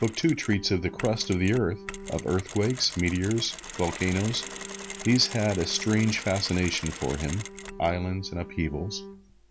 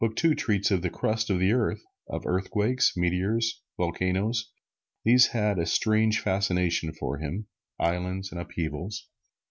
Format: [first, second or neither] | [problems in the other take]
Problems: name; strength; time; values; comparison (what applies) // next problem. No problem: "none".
second | background sound (Bowed string instrument + Mechanisms); 12 dB below the speech